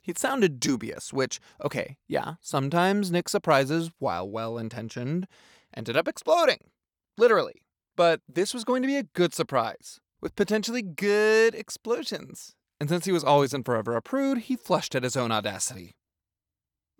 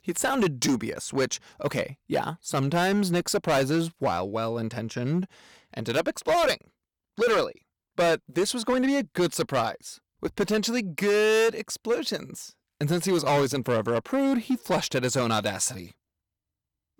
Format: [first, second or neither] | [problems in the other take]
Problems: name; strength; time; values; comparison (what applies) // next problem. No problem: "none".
first | distortion; heavy; 9% of the sound clipped